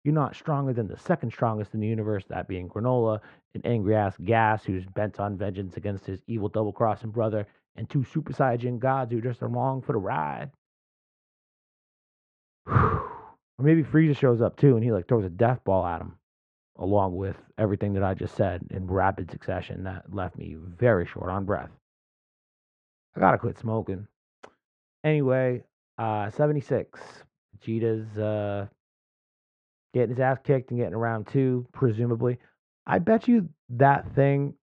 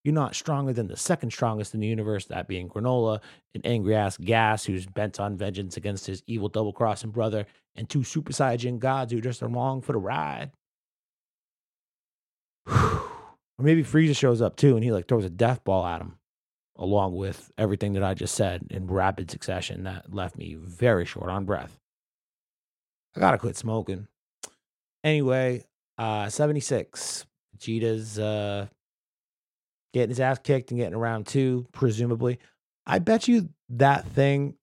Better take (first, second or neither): second